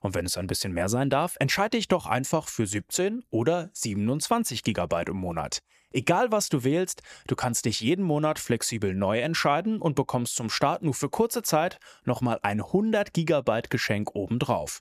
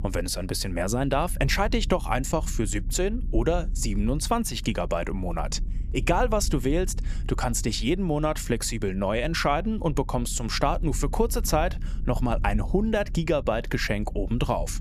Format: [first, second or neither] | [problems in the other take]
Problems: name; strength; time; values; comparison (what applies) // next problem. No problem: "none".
first | low rumble; faint; throughout; 25 dB below the speech